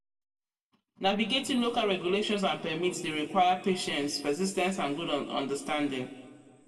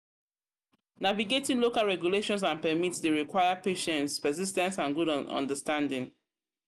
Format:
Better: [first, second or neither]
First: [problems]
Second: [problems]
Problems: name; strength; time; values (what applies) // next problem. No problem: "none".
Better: second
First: room echo; dies away in 1.6 s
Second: none